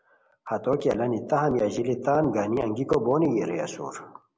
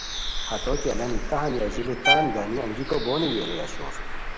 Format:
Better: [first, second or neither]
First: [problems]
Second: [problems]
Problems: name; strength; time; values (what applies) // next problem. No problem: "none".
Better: first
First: none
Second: background sound (Bowed string instrument + Bird); as loud as the speech